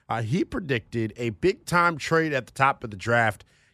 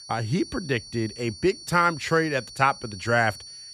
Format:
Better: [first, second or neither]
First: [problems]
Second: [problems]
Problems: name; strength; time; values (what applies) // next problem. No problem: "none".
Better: first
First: none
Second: high-pitched whine; noticeable; throughout; 4.5 kHz, 15 dB below the speech